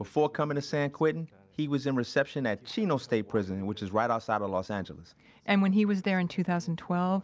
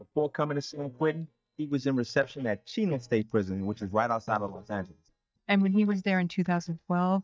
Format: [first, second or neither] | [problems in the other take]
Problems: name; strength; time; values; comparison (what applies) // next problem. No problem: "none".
first | noise reduction (neural mask model DeepFilterNet 3)